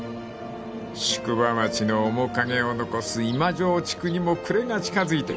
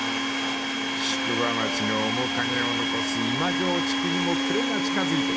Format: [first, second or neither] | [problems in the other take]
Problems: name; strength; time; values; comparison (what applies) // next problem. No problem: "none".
first | background sound (Domestic sounds, home sounds); 4 dB above the speech